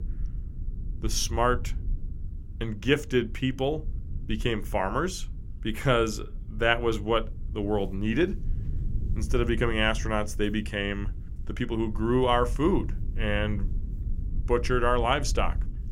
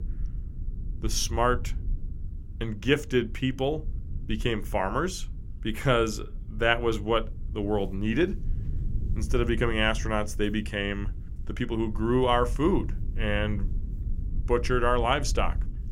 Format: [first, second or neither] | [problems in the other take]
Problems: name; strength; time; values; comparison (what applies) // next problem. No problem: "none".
neither | low rumble; faint; throughout; 25 dB below the speech; the same in both